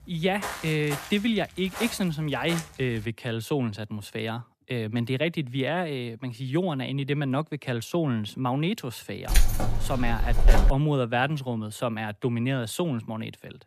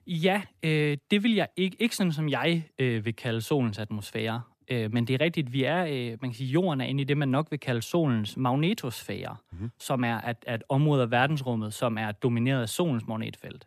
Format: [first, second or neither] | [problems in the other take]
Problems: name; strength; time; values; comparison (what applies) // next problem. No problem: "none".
second | footsteps; noticeable; until 3 s; peak 6 dB below the speech // jangling keys; loud; from 9.5 to 11 s; peak 6 dB above the speech